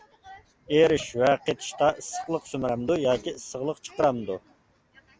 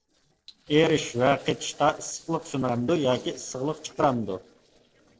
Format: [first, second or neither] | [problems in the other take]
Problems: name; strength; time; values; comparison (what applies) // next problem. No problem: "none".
first | noise reduction (neural separator model SepFormer DNS4)